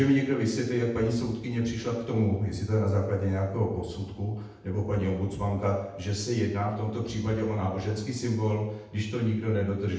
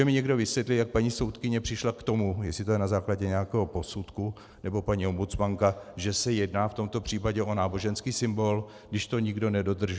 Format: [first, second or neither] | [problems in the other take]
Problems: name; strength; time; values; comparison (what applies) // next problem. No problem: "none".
second | room echo; dies away in 0.8 s